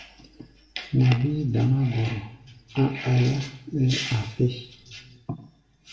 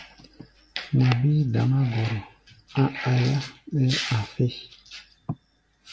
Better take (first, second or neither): second